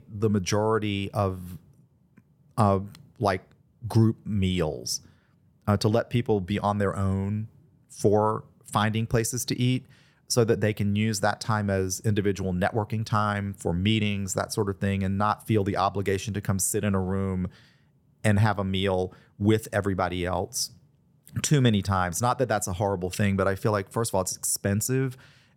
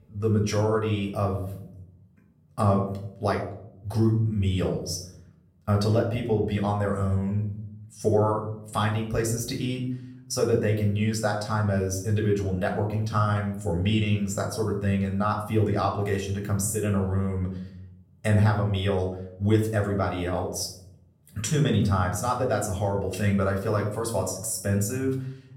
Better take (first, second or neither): first